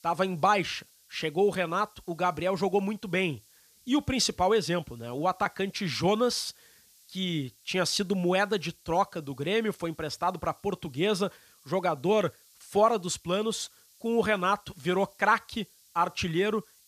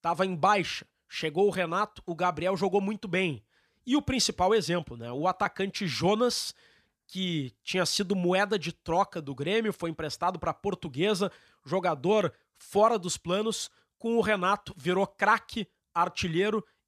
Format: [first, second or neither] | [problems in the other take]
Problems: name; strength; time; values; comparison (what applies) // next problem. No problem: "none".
second | hiss; faint; throughout; 30 dB below the speech